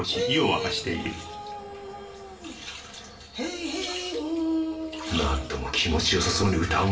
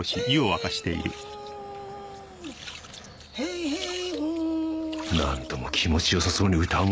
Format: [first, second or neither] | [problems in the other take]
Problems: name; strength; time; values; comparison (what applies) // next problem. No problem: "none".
second | room echo; dies away in 0.9 s